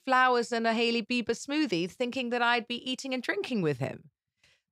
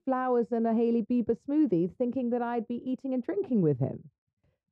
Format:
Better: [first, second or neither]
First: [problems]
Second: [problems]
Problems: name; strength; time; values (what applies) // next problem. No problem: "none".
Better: first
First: none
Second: muffled; very; fading above 1.5 kHz